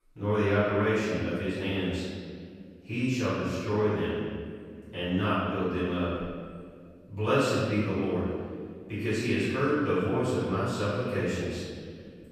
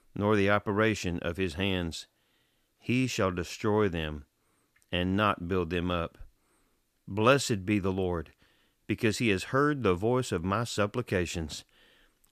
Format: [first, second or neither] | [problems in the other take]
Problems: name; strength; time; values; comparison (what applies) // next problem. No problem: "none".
second | room echo; strong; dies away in 1.9 s // off-mic speech; far